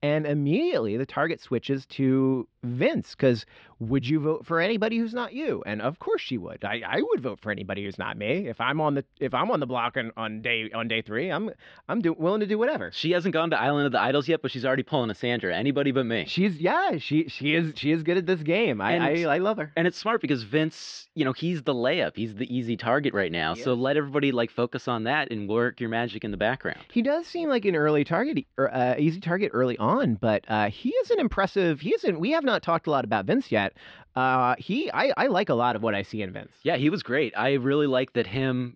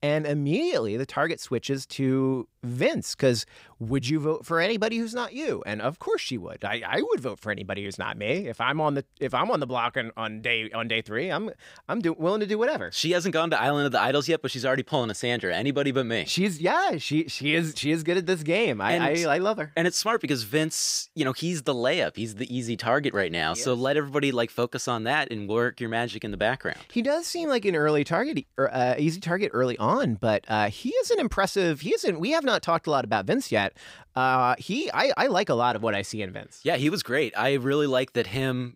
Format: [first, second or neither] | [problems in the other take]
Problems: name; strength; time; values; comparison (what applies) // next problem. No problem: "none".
second | muffled; slightly; fading above 4 kHz